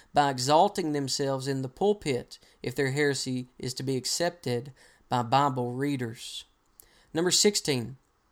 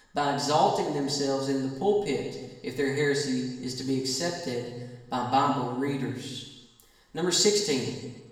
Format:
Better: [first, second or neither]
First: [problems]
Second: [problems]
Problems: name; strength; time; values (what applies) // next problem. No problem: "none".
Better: first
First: none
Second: room echo; noticeable; dies away in 1.1 s // off-mic speech; far